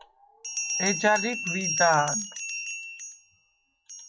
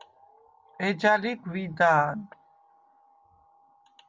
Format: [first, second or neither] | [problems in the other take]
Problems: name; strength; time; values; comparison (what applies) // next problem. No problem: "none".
second | noise reduction (classical method log-MMSE)